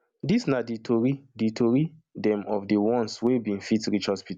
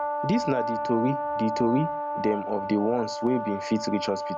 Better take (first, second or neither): first